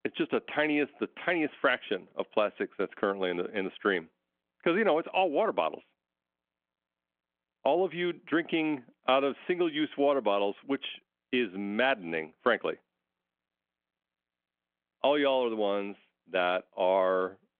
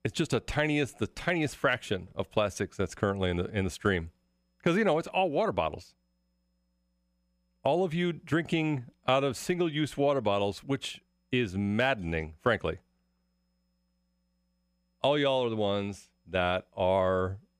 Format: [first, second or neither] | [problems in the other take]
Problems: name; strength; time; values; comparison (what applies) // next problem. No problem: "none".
second | phone-call audio; nothing above 3.5 kHz